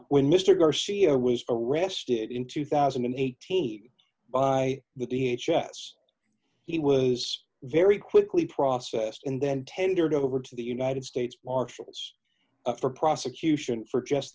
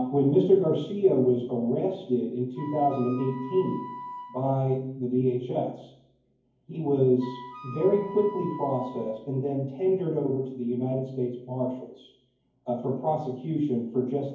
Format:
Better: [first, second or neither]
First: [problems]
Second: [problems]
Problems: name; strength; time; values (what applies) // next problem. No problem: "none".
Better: first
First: none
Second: background sound (Wind instrument, woodwind instrument); 14 dB below the speech // room echo; dies away in 0.9 s